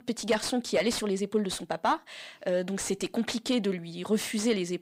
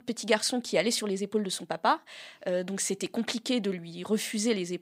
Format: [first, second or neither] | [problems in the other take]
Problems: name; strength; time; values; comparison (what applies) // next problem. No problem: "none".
second | distortion; slight; 10 dB below the speech